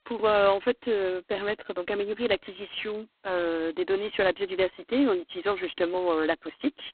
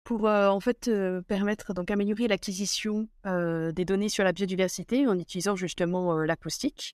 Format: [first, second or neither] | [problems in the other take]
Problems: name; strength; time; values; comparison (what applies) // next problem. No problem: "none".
second | phone-call audio; poor line; nothing above 4 kHz